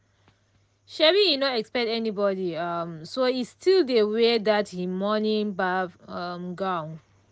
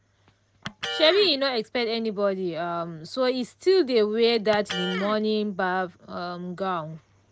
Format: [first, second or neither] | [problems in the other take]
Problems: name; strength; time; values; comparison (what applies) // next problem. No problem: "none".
first | background sound (Electric guitar); 13 dB below the speech